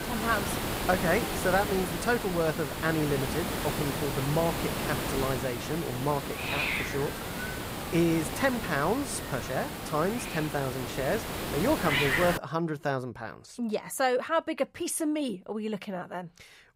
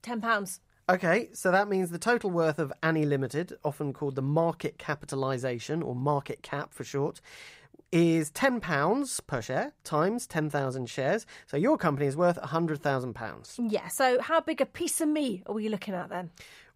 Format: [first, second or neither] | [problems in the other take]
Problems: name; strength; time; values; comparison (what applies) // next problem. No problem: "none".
second | hiss; loud; until 12 s; 2 dB below the speech